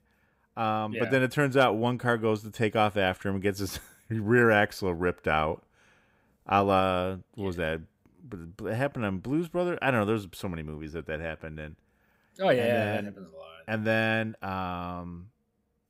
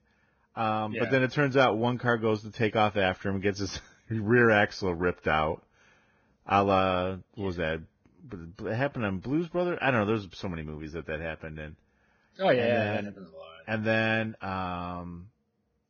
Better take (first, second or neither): first